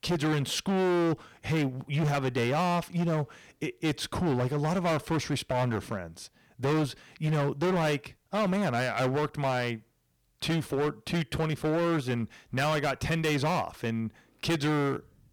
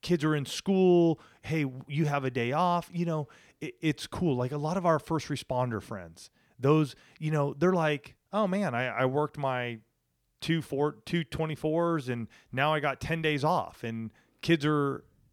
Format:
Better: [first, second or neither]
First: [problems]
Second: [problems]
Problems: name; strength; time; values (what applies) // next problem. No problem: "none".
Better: second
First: distortion; heavy; 19% of the sound clipped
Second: none